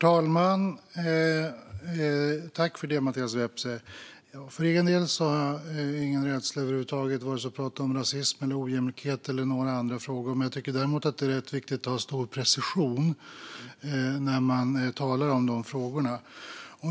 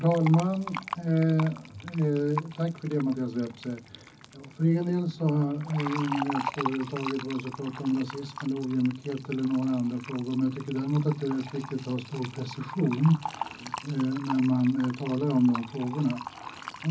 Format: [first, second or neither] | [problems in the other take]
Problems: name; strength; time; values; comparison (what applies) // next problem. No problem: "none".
first | background sound (Fill (with liquid)); 12 dB below the speech // room echo; dies away in 0.4 s